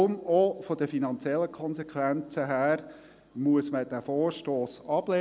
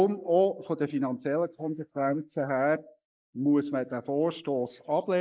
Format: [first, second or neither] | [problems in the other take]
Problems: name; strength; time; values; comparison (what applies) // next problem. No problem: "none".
first | noise reduction (neural mask model Resemble Enhance denoiser)